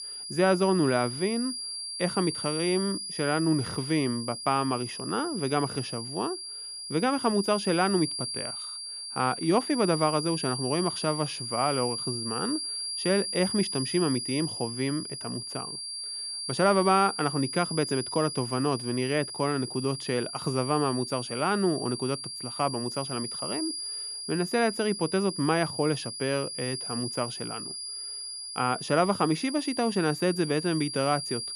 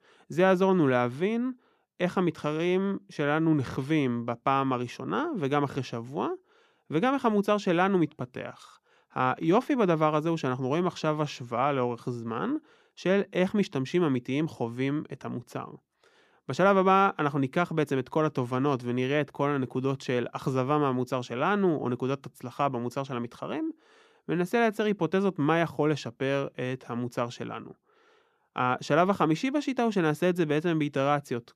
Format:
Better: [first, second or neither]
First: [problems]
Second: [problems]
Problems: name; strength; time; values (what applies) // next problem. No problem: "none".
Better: second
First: high-pitched whine; loud; throughout; 5 kHz, 5 dB below the speech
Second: none